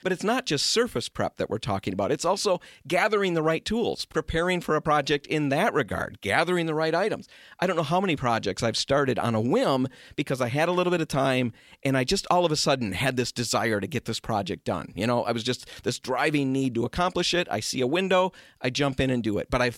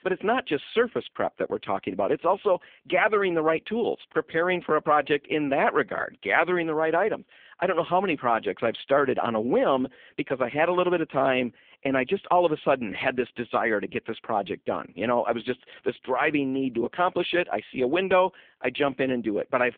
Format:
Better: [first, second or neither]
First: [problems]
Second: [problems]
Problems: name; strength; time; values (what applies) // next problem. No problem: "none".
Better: first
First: none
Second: phone-call audio; poor line